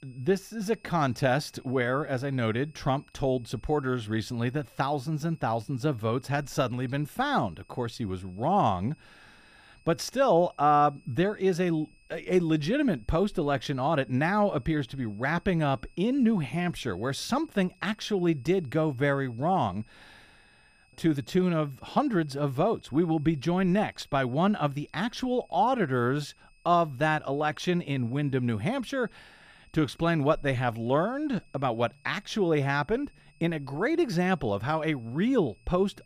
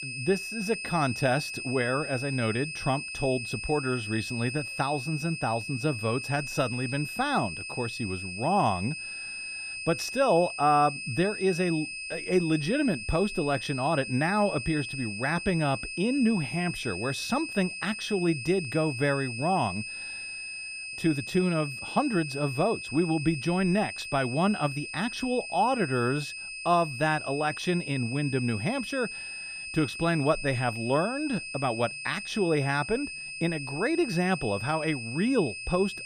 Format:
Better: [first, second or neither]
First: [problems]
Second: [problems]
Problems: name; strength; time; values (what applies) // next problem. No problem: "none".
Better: first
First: high-pitched whine; faint; throughout; 2.5 kHz, 35 dB below the speech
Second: high-pitched whine; loud; throughout; 2.5 kHz, 7 dB below the speech